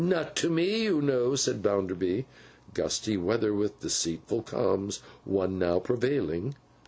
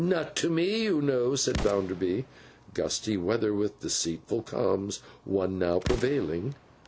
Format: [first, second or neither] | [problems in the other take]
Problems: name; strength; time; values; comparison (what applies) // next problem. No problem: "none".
first | background sound (Explosion); 14 dB below the speech